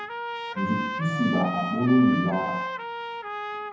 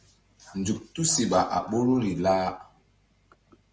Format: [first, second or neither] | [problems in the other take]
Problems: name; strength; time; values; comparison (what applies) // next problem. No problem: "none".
second | background sound (Trumpet); 5 dB below the speech // room echo; dies away in 0.9 s